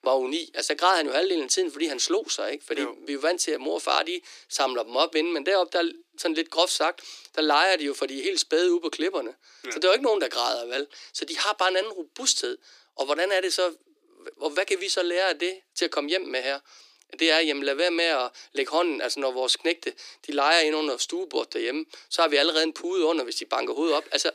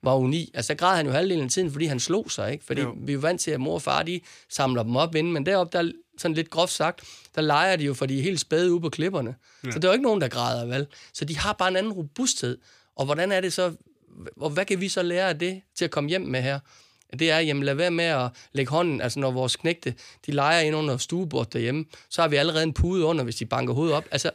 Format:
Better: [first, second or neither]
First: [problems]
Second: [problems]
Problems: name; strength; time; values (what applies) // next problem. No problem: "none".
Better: second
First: thin; somewhat; fading below 300 Hz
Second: none